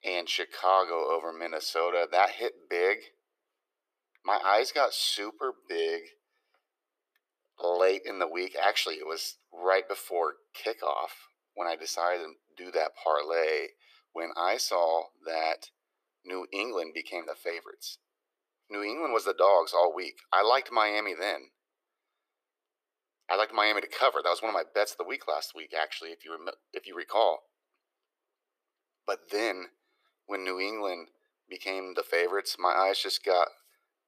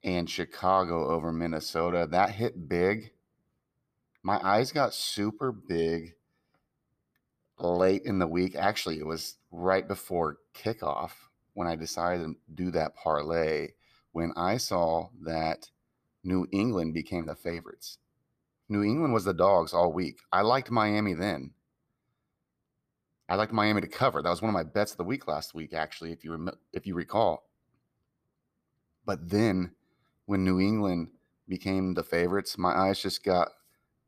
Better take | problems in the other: second | thin; very; fading below 400 Hz

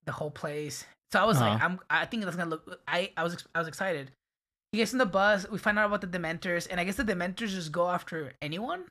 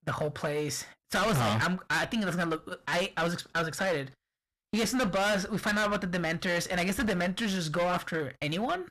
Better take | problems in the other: first | distortion; heavy; 20% of the sound clipped

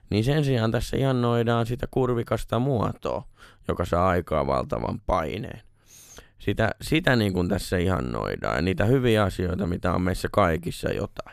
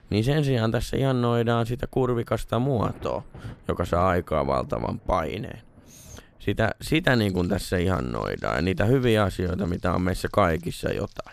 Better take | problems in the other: first | rain or running water; faint; throughout; 25 dB below the speech

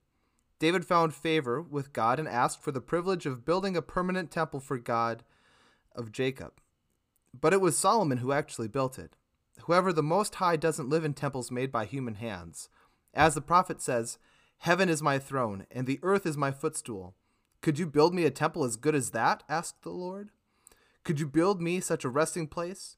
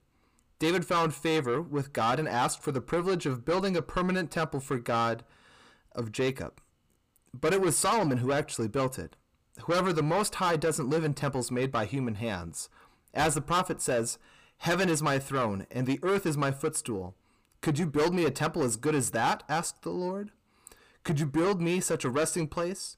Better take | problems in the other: first | distortion; heavy; 7 dB below the speech

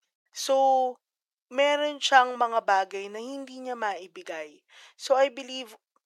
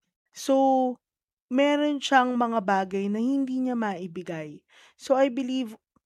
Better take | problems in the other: second | thin; very; fading below 500 Hz

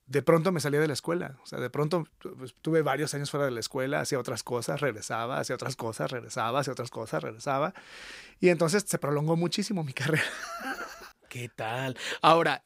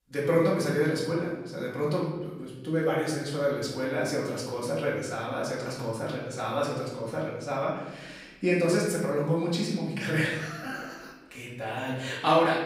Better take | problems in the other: first | off-mic speech; far // room echo; noticeable; dies away in 1 s

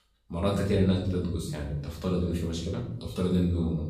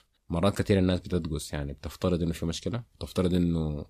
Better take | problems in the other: second | off-mic speech; far // room echo; noticeable; dies away in 1 s

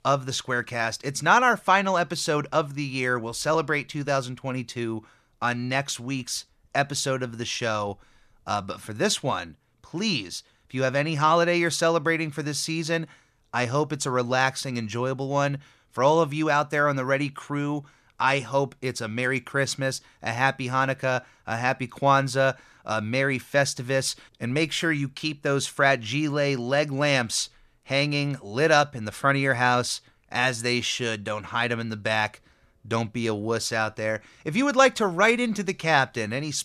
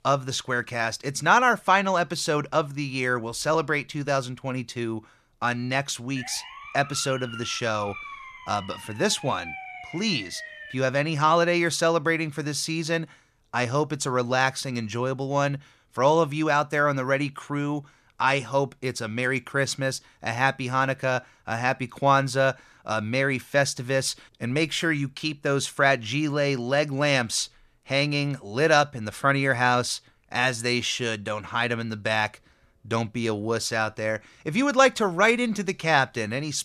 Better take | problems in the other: first | siren; faint; from 6 to 11 s; peak 10 dB below the speech

